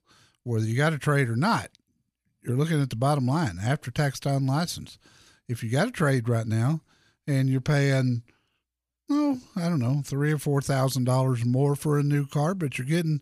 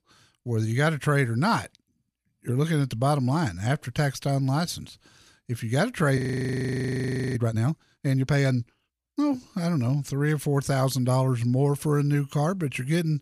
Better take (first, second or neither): first